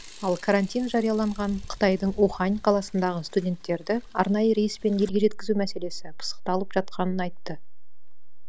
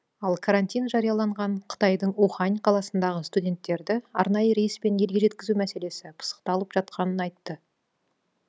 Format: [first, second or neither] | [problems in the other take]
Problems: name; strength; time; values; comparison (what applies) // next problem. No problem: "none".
second | background sound (Mechanisms / Bicycle); 8 dB below the speech